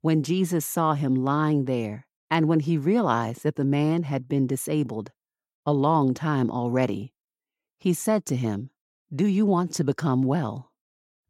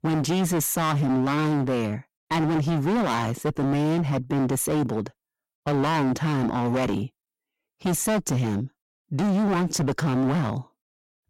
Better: first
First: none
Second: distortion; heavy; 25% of the sound clipped

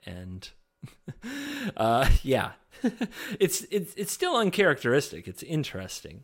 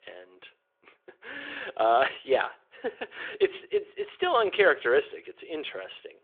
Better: first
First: none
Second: phone-call audio; nothing above 3.5 kHz

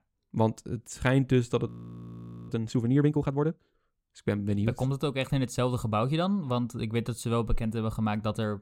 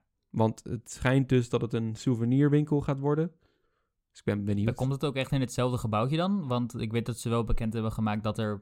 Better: second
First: audio freezing; at 1.5 s for 1 s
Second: none

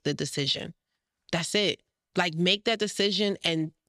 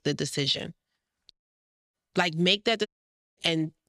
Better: first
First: none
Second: audio cutting out; at 1.5 s for 0.5 s and at 3 s for 0.5 s

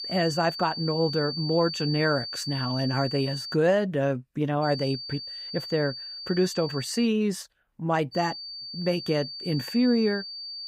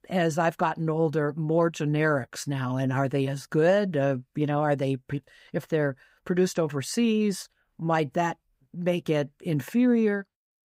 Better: second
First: high-pitched whine; loud; until 3.5 s, from 4.5 to 7 s and from 8 s on; 4.5 kHz, 7 dB below the speech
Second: none

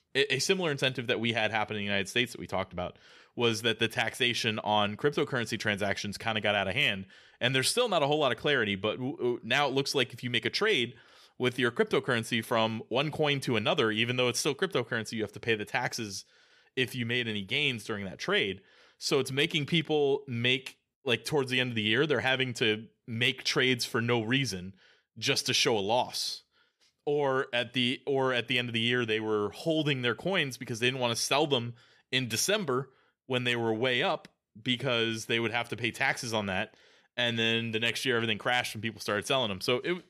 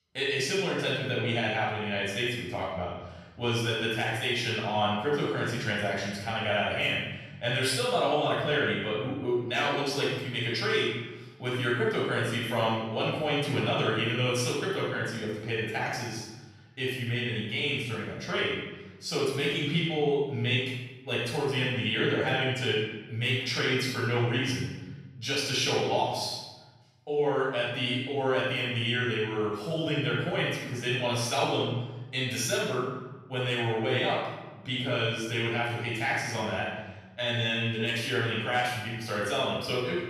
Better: first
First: none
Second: off-mic speech; far // room echo; strong; dies away in 1.1 s

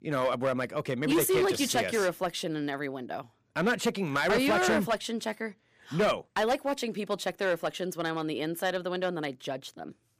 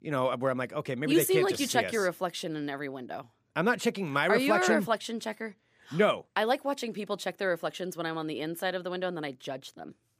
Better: second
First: distortion; slight; 6% of the sound clipped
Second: none

